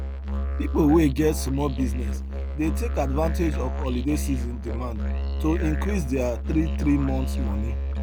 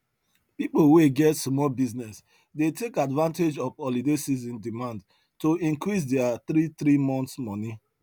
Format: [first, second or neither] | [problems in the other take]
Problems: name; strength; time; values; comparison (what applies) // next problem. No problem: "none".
second | background sound (Musical instrument); as loud as the speech